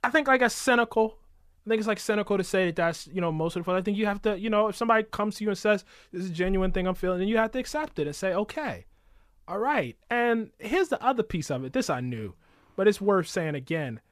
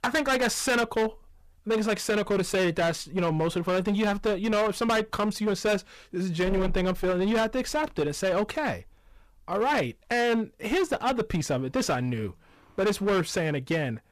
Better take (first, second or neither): first